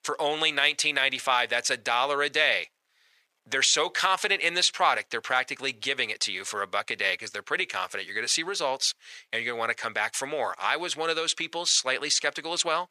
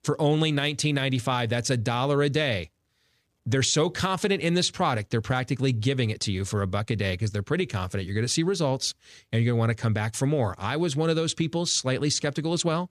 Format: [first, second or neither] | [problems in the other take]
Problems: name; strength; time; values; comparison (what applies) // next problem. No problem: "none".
second | thin; very; fading below 750 Hz